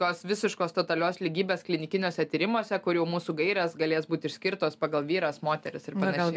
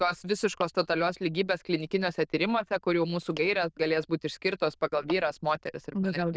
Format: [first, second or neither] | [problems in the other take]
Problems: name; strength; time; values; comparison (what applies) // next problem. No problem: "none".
first | noise reduction (neural diffusion model UNIVERSE++)